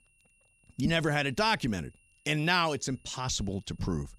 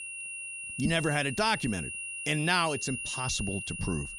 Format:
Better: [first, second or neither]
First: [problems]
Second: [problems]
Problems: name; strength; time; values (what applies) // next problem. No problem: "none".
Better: first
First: high-pitched whine; faint; throughout; 3 kHz, 35 dB below the speech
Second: high-pitched whine; loud; throughout; 3 kHz, 6 dB below the speech